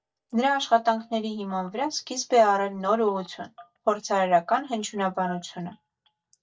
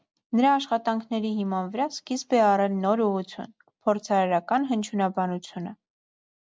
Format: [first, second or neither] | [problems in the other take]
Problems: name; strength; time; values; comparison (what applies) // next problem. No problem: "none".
second | noise reduction (neural mask model DeepFilterNet 3)